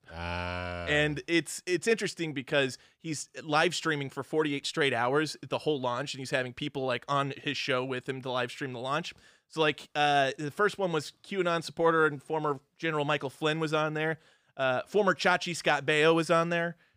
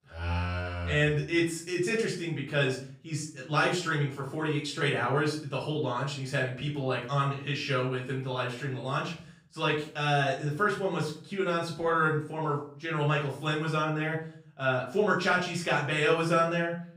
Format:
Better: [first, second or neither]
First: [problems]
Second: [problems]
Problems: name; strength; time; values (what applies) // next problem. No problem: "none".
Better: first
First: none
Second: off-mic speech; far // room echo; slight; dies away in 0.4 s